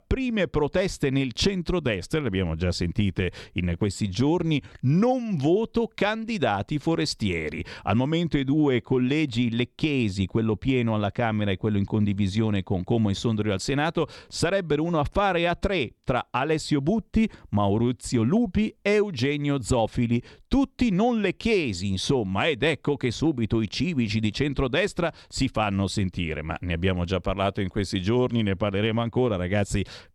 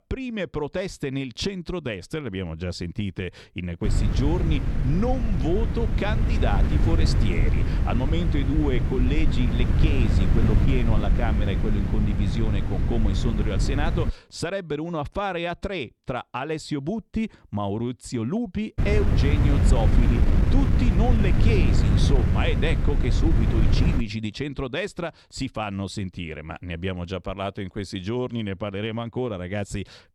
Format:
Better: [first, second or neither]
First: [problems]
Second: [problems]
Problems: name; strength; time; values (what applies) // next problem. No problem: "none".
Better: first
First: none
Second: wind noise on the microphone; heavy; from 4 to 14 s and from 19 to 24 s; 3 dB below the speech